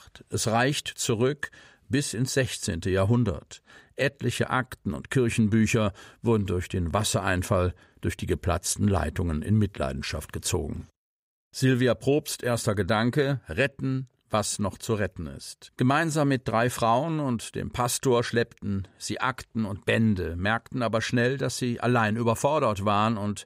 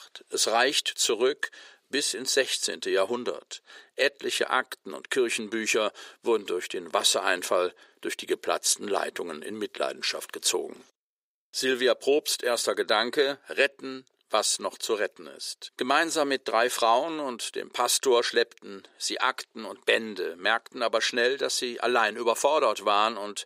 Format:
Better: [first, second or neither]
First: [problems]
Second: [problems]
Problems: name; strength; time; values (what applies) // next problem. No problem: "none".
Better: first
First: none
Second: thin; very; fading below 350 Hz